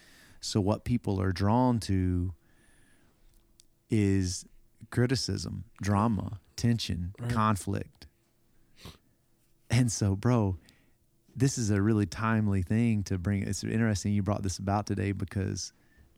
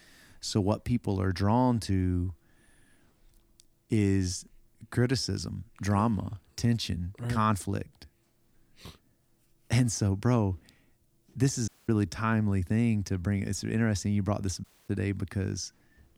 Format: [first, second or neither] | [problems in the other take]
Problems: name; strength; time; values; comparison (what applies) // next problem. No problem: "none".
first | audio cutting out; at 12 s and at 15 s